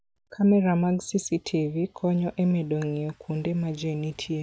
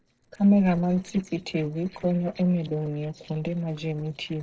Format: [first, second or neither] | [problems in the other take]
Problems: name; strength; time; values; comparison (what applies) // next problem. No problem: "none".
first | noise reduction (neural separator model SepFormer DNS4)